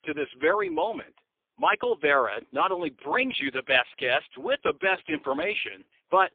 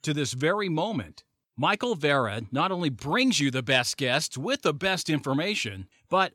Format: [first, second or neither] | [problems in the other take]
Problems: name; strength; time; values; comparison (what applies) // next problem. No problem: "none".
second | phone-call audio; poor line; nothing above 3.5 kHz